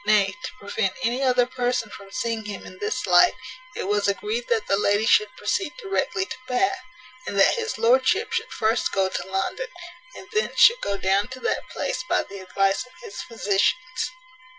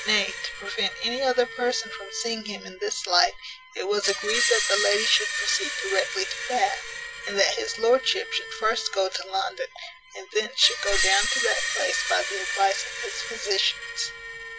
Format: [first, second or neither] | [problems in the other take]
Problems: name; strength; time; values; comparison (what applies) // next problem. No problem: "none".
first | background sound (Screech); 5 dB below the speech